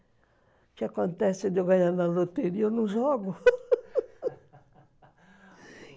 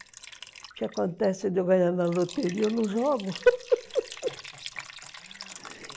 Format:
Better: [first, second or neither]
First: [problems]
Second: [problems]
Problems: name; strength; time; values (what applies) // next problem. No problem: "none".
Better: first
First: none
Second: background sound (Liquid); 17 dB below the speech